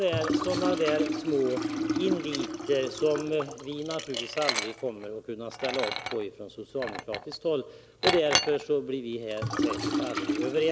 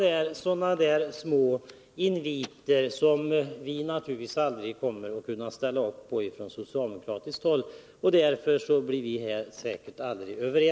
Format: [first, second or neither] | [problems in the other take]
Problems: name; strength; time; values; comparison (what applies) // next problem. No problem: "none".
second | background sound (Liquid); 2 dB below the speech